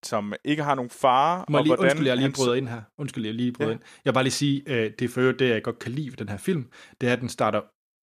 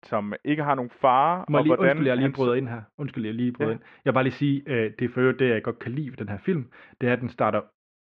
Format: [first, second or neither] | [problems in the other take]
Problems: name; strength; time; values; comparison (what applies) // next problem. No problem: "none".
first | muffled; very; fading above 2.5 kHz